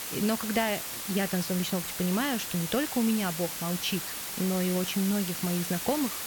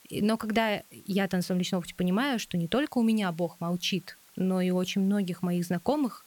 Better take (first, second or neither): second